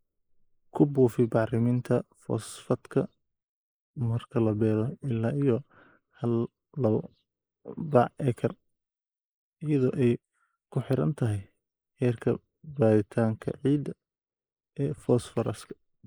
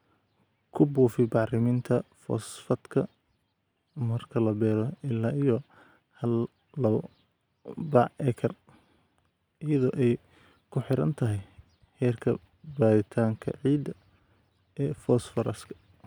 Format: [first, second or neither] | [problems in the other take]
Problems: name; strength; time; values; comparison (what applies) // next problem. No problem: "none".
second | noise reduction (neural mask model Resemble Enhance denoiser)